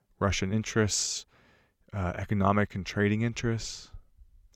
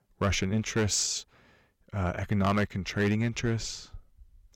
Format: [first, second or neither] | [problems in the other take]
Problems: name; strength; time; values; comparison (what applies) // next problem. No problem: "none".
first | distortion; slight; 4% of the sound clipped